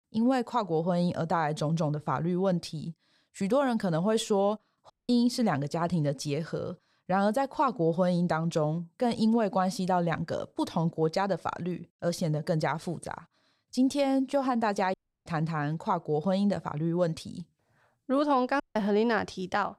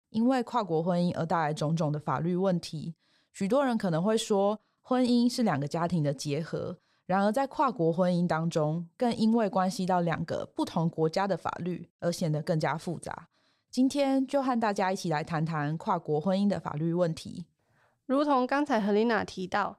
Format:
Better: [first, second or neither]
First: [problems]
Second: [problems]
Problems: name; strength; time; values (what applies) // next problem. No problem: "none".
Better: second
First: audio cutting out; at 5 s, at 15 s and at 19 s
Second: none